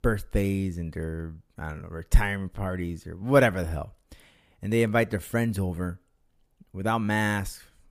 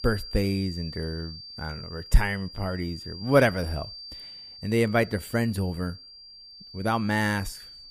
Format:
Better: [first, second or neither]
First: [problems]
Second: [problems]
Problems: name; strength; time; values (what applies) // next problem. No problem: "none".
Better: first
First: none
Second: high-pitched whine; noticeable; throughout; 4.5 kHz, 15 dB below the speech